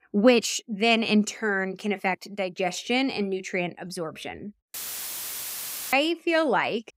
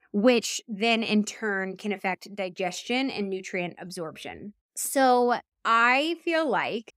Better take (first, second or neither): second